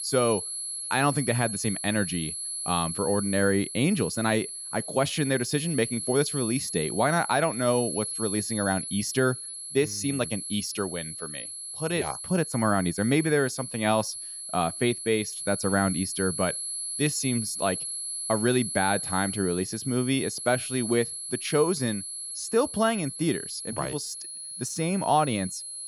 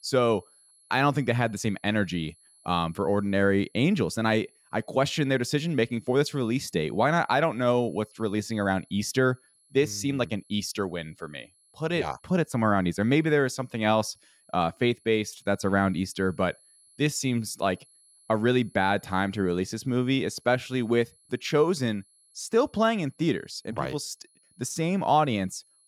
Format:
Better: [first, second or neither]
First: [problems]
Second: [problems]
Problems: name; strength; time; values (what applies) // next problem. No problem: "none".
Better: second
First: high-pitched whine; loud; throughout; 11 kHz, 5 dB below the speech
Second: high-pitched whine; faint; throughout; 11 kHz, 30 dB below the speech